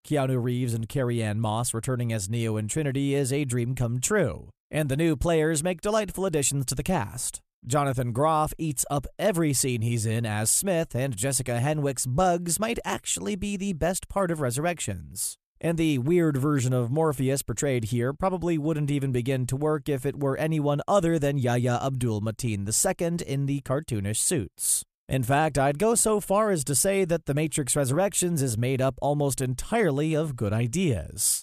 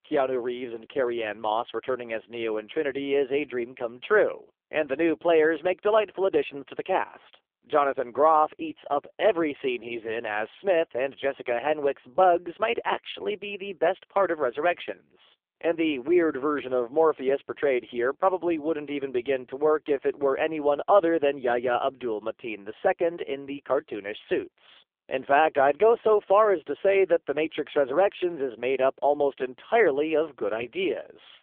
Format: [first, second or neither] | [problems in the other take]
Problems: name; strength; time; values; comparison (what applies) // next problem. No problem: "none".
first | phone-call audio; poor line; nothing above 3.5 kHz